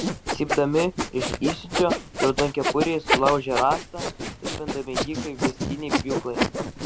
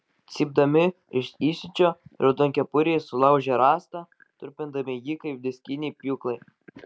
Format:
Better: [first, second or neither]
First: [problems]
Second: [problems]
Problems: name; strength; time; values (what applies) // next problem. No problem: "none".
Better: second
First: background sound (Sawing); 1 dB below the speech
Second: none